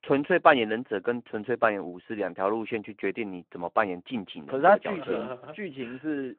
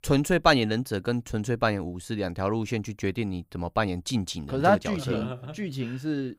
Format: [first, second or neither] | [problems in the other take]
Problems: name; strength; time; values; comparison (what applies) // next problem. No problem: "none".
second | phone-call audio